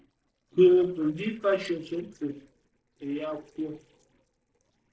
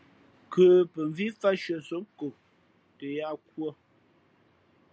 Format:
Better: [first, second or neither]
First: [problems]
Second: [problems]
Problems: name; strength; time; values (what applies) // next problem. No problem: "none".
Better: second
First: noise reduction (neural separator model SepFormer DNS4)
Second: none